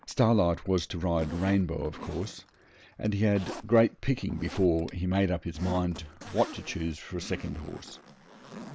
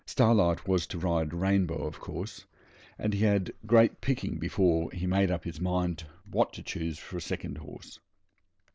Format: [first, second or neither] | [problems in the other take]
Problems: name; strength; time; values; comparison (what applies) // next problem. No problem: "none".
second | background sound (Zipper (clothing)); 17 dB below the speech